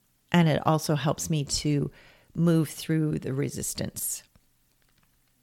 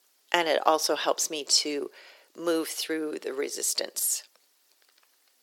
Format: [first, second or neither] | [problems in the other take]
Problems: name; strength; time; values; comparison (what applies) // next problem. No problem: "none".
first | thin; very; fading below 350 Hz